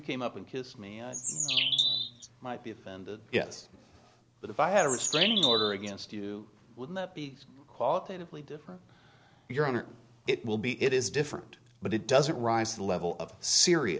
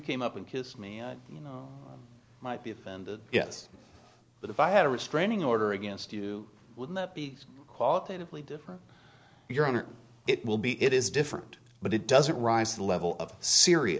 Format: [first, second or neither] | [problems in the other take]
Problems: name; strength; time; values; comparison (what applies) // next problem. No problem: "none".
second | background sound (Bird); 2 dB above the speech